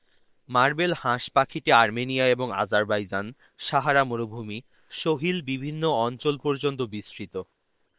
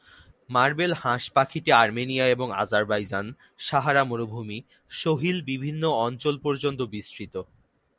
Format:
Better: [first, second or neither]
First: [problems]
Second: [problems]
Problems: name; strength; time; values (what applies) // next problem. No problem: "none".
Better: second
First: noise reduction (neural separator model SepFormer WHAM!)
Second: none